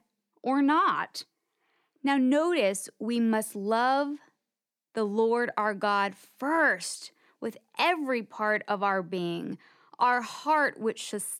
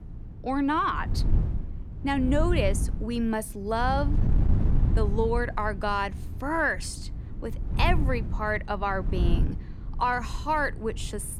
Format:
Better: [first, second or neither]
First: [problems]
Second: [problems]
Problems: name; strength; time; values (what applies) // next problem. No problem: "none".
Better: first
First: none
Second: wind noise on the microphone; occasional gusts; 15 dB below the speech